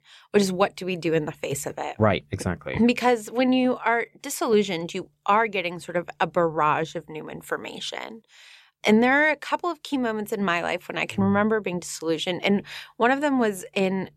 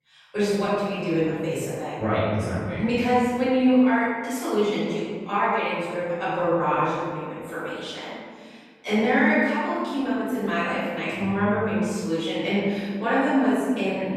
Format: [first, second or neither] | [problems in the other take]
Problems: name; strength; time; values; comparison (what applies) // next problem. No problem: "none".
first | room echo; strong; dies away in 1.7 s // off-mic speech; far